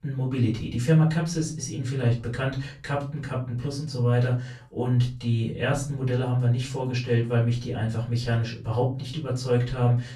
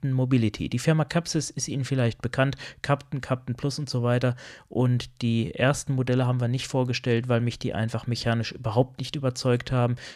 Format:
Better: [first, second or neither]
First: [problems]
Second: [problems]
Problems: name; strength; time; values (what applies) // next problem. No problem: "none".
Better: second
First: off-mic speech; far // room echo; slight; dies away in 0.3 s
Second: none